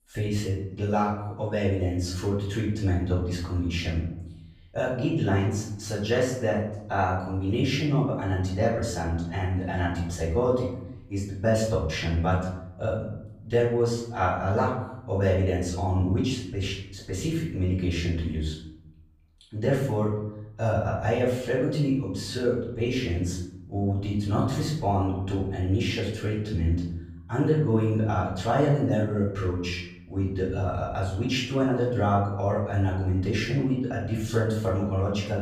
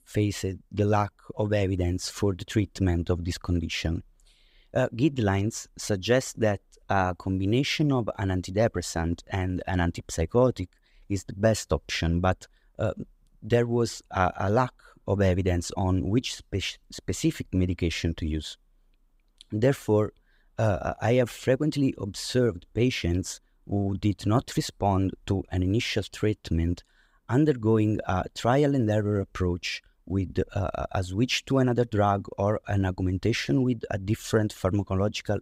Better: second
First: off-mic speech; far // room echo; noticeable; dies away in 0.7 s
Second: none

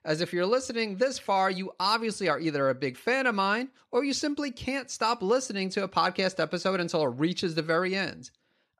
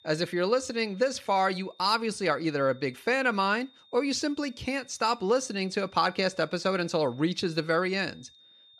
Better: first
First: none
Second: high-pitched whine; faint; throughout; 3.5 kHz, 30 dB below the speech

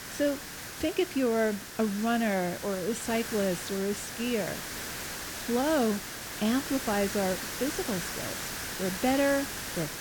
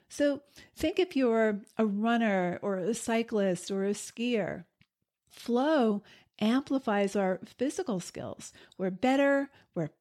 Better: second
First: hiss; loud; throughout; 6 dB below the speech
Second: none

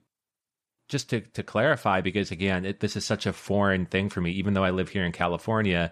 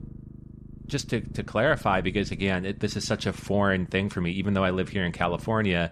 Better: first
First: none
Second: low rumble; faint; throughout; 25 dB below the speech

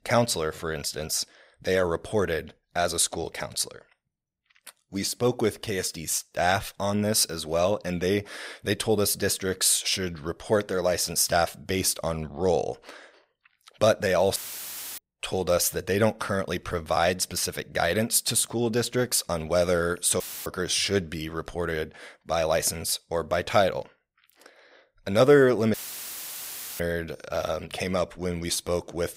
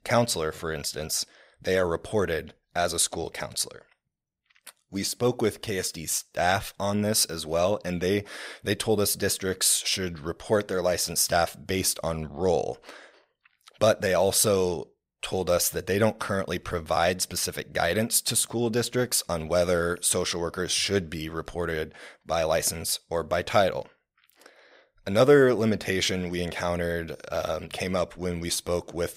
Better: second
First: audio cutting out; filled with static; at 14 s for 0.5 s, at 20 s and at 26 s for 1 s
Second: none

